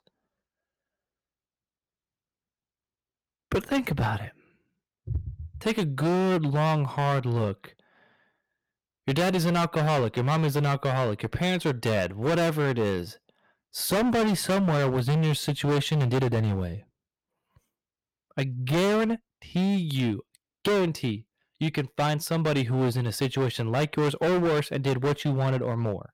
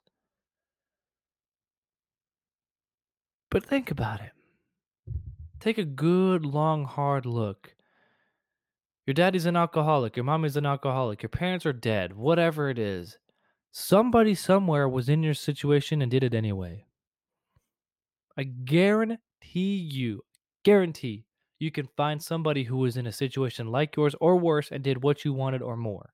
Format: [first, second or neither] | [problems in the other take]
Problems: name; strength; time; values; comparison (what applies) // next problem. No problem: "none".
second | distortion; heavy; 16% of the sound clipped